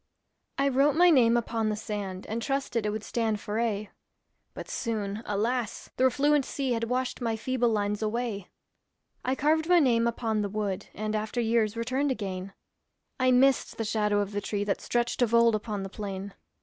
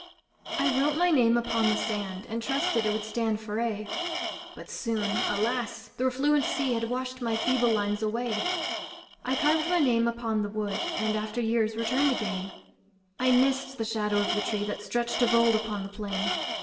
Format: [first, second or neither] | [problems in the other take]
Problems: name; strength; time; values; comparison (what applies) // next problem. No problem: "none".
first | background sound (Tools); 6 dB below the speech // room echo; dies away in 1.1 s